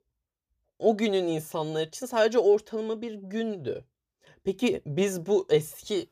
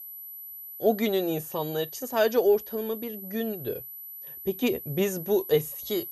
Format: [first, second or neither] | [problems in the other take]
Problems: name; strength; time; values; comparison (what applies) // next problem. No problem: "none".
first | high-pitched whine; noticeable; throughout; 12 kHz, 10 dB below the speech